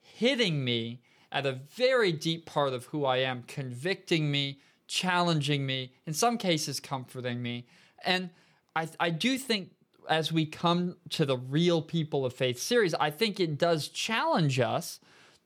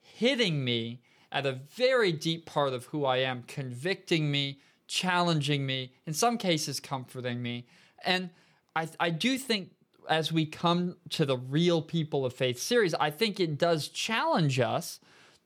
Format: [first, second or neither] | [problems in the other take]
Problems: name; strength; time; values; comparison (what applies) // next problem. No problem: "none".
neither | none